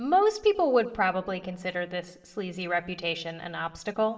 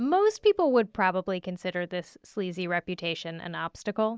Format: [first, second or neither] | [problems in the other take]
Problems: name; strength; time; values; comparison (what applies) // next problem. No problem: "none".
second | room echo; dies away in 1.8 s